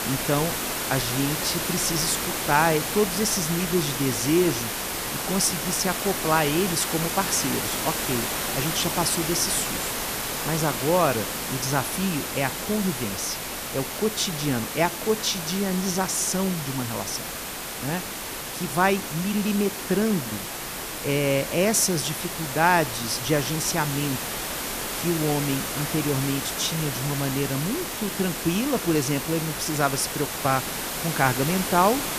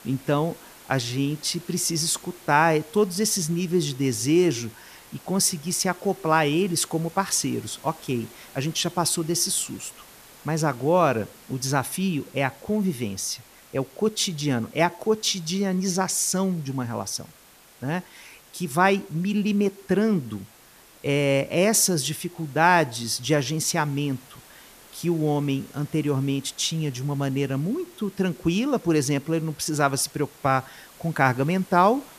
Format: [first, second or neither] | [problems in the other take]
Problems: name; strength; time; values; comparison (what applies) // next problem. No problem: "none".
second | hiss; loud; throughout; 3 dB below the speech; faint in the second